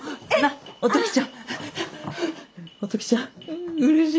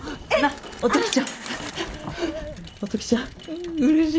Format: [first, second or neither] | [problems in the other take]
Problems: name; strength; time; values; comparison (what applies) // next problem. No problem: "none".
first | background sound (Bicycle); 13 dB below the speech